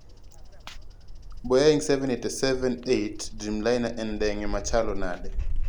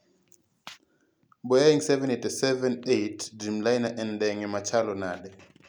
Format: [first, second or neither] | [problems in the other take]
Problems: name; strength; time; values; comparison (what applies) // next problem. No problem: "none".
second | background sound (Bird vocalization, bird call, bird song); 4 dB below the speech